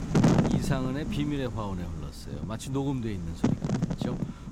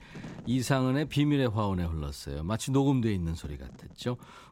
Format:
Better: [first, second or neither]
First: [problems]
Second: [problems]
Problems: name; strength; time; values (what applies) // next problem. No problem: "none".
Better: second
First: wind noise on the microphone; heavy; 3 dB above the speech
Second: wind noise on the microphone; occasional gusts; 25 dB below the speech